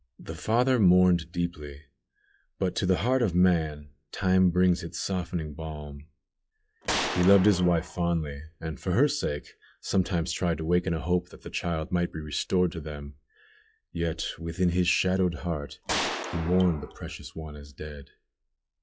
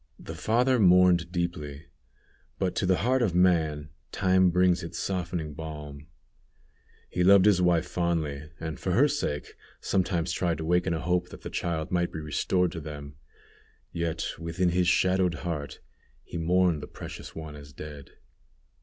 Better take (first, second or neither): second